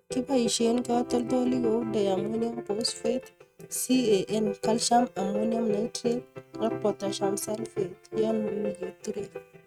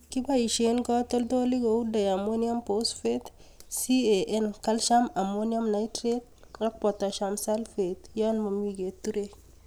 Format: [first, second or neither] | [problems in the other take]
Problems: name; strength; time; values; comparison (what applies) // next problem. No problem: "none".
second | noise reduction (neural mask model RNNoise)